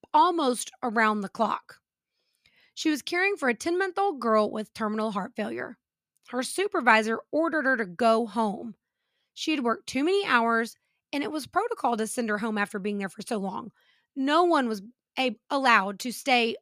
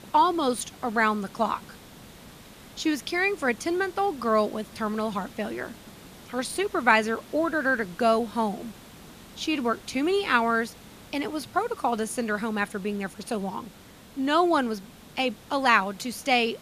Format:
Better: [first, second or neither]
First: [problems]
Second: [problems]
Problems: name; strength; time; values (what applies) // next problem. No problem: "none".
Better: first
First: none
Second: hiss; faint; throughout; 20 dB below the speech